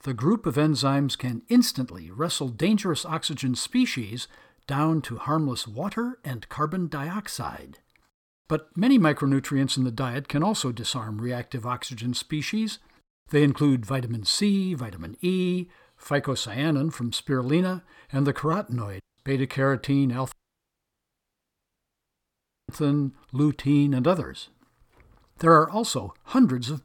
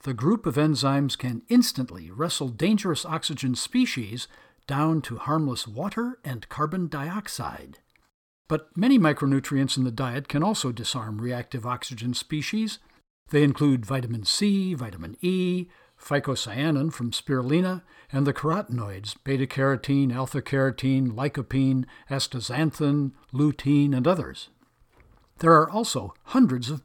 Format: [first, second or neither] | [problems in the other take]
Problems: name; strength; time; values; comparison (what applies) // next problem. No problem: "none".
second | audio cutting out; at 19 s and at 20 s for 2.5 s